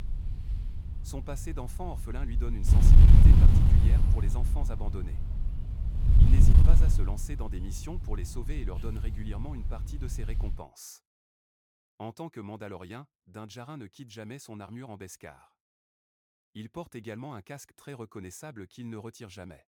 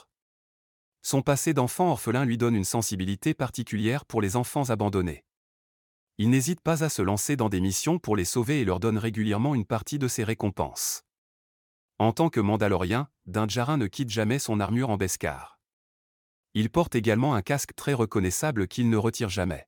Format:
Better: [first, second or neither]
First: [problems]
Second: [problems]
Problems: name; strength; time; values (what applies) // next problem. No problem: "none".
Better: second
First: wind noise on the microphone; heavy; until 11 s; 5 dB above the speech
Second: none